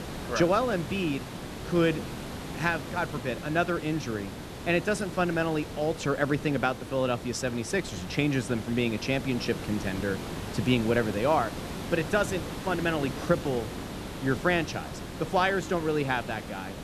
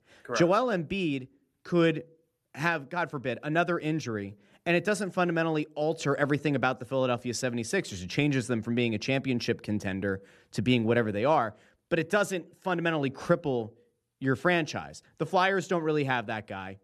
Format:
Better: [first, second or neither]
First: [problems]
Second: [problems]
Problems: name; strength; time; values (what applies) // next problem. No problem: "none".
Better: second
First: hiss; loud; throughout; 9 dB below the speech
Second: none